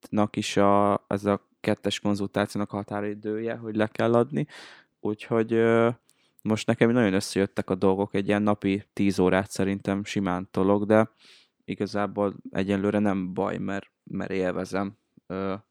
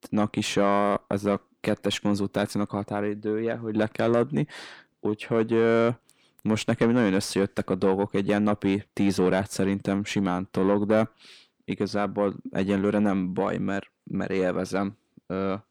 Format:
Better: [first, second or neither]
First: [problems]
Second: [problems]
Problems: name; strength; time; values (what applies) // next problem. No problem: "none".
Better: first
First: none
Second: distortion; slight; 10 dB below the speech